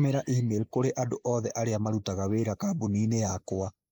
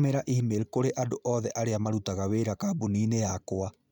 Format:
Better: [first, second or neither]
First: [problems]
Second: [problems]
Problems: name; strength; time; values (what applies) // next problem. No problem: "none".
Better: second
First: noise reduction (neural mask model Resemble Enhance denoiser)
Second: none